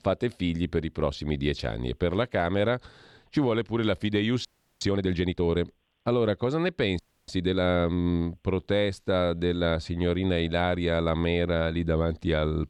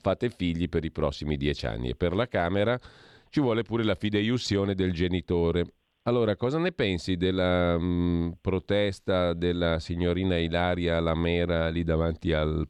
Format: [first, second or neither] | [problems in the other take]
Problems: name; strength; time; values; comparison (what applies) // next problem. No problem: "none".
second | audio freezing; at 4.5 s and at 7 s